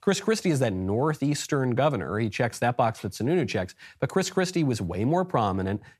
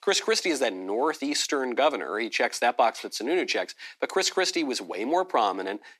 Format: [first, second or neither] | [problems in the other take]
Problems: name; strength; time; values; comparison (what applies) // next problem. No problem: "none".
first | thin; somewhat; fading below 250 Hz